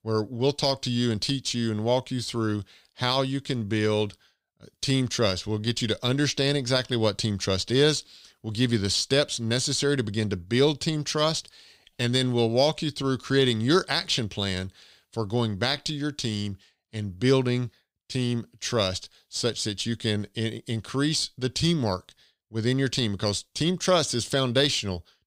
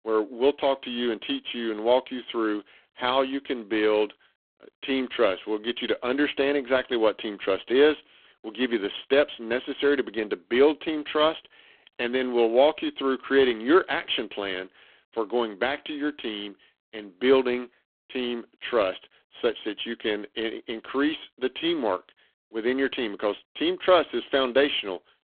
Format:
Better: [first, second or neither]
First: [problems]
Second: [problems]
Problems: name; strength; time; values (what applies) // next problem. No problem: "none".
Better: first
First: none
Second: phone-call audio; poor line